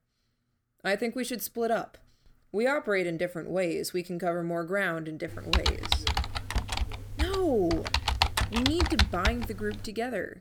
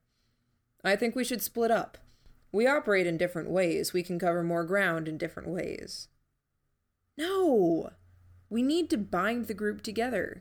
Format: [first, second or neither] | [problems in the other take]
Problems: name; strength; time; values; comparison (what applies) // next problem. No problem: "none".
second | keyboard typing; loud; from 5.5 to 10 s; peak 5 dB above the speech